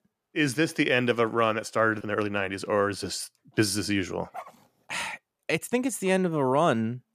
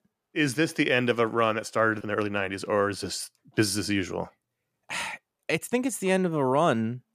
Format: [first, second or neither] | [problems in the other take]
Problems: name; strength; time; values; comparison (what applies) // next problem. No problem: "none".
second | dog barking; faint; at 4.5 s; peak 15 dB below the speech